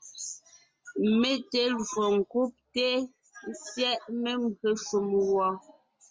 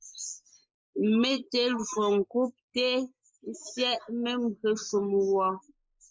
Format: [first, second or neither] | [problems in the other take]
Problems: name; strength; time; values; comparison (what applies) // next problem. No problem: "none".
first | noise reduction (neural mask model Resemble Enhance denoiser)